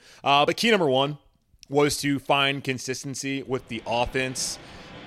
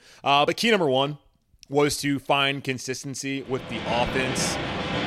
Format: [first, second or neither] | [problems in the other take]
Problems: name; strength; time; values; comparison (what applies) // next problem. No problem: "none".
first | train or aircraft noise; loud; from 3.5 s on; 5 dB below the speech; faint in the first